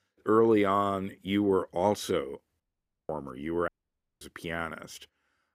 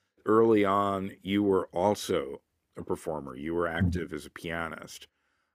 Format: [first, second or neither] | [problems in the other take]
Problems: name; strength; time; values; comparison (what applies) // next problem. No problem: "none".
second | audio cutting out; at 2.5 s and at 3.5 s for 0.5 s